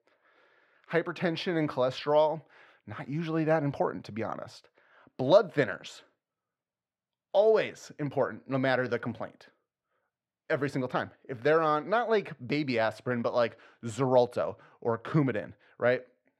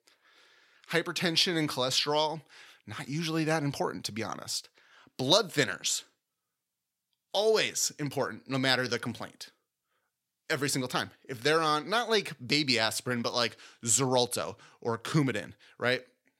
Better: second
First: muffled; very; fading above 3.5 kHz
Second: none

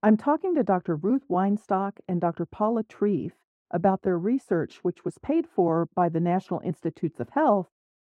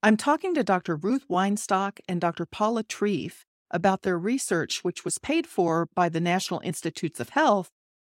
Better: second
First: muffled; very; fading above 2 kHz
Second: none

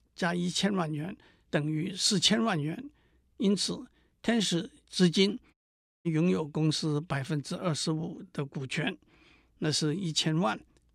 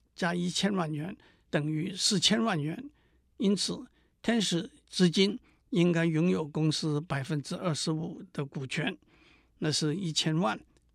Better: second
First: audio cutting out; at 5.5 s for 0.5 s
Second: none

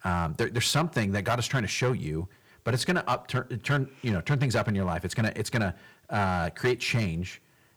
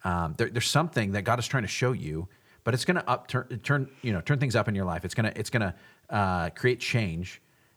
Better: second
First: distortion; slight; 5% of the sound clipped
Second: none

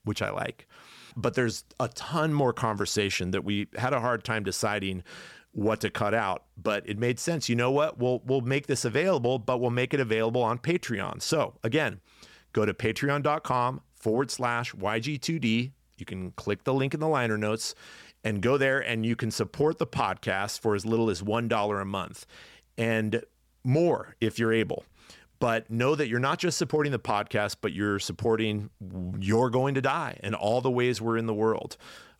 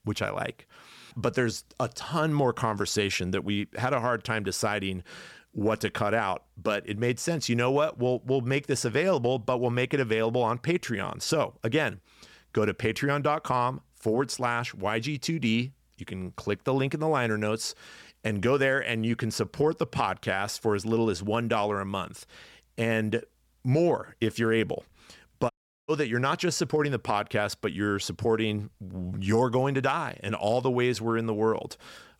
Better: first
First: none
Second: audio cutting out; at 26 s

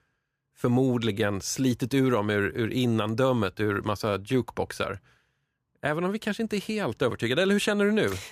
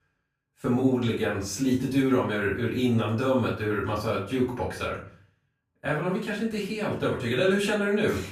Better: first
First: none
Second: off-mic speech; far // room echo; noticeable; dies away in 0.4 s

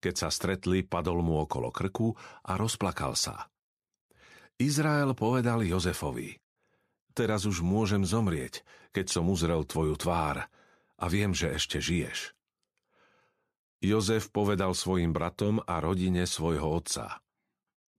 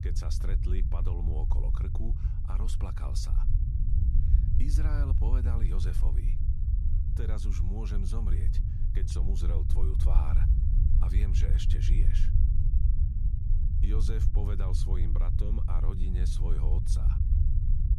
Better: first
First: none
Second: low rumble; loud; throughout; 2 dB below the speech

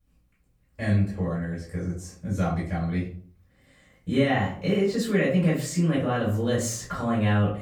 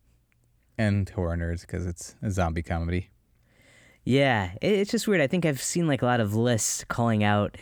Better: second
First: off-mic speech; far // room echo; slight; dies away in 0.4 s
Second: none

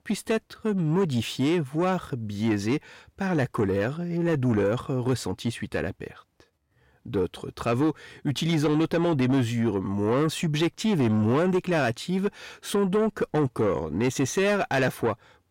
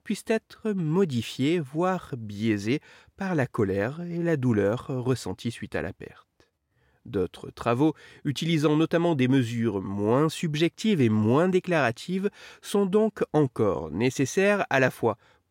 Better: second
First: distortion; slight; 10 dB below the speech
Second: none

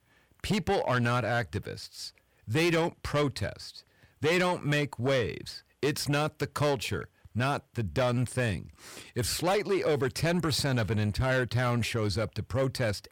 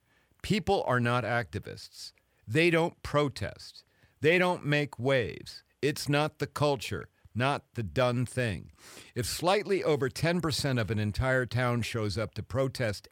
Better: second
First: distortion; slight; 10 dB below the speech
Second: none

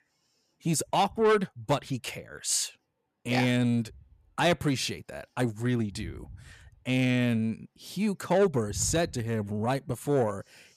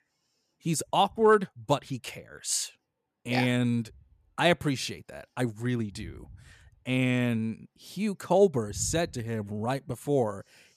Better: second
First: distortion; slight; 10 dB below the speech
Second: none

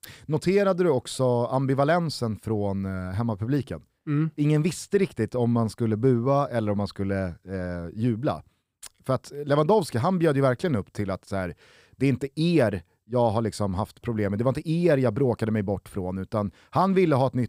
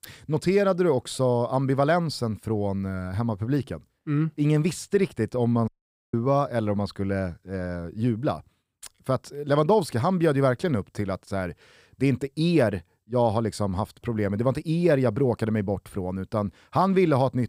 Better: first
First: none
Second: audio cutting out; at 5.5 s

